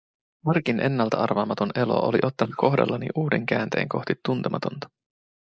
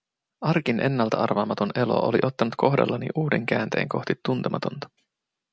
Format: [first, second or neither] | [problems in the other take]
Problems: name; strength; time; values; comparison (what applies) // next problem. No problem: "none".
second | noise reduction (neural mask model Resemble Enhance denoiser)